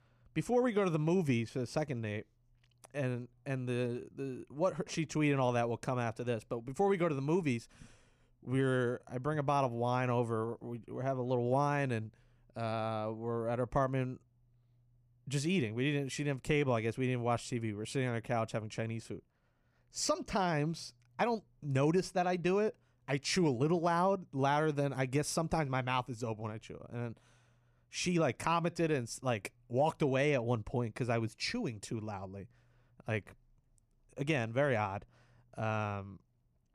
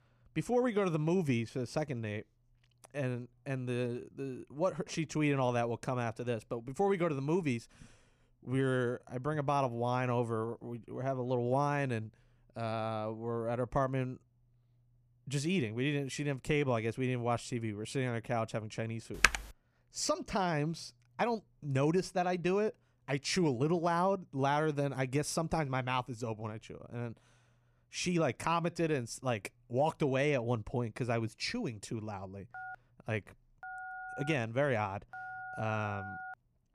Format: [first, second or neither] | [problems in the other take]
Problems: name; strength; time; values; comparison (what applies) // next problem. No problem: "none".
first | keyboard typing; loud; at 19 s; peak 6 dB above the speech // phone ringing; noticeable; from 33 s on; peak 9 dB below the speech